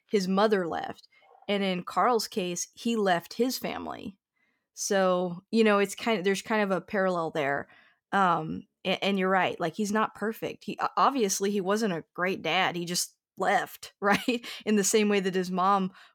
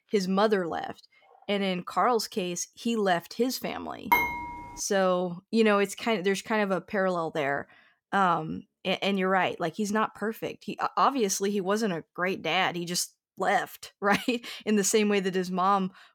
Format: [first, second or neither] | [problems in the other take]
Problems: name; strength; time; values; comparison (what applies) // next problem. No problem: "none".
first | clattering dishes; loud; at 4 s; peak 3 dB above the speech